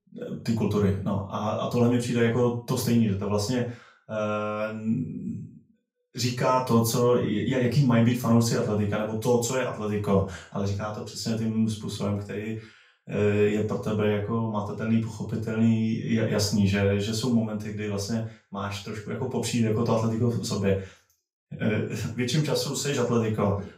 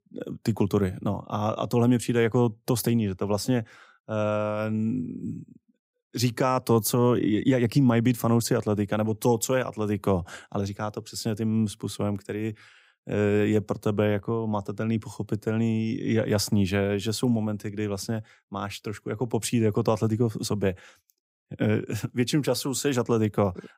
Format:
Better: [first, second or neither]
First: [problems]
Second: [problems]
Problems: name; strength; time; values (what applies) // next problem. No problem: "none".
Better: second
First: room echo; noticeable; dies away in 0.3 s // off-mic speech; far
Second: none